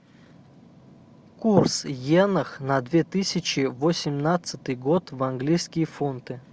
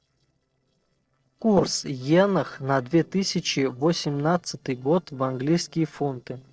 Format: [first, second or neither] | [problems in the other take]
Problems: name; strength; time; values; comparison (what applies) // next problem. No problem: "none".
first | noise reduction (neural separator model SepFormer DNS4)